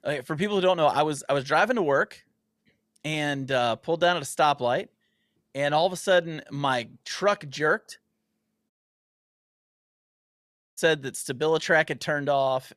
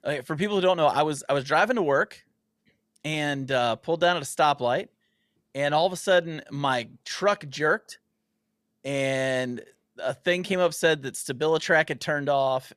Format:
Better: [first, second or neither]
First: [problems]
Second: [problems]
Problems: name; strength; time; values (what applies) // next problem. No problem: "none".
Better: second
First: audio cutting out; at 8.5 s for 2 s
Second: none